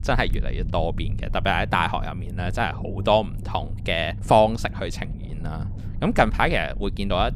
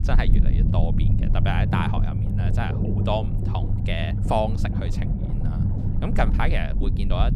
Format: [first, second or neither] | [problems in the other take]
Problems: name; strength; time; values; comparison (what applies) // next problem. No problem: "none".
first | low rumble; loud; throughout; 7 dB below the speech; faint in the first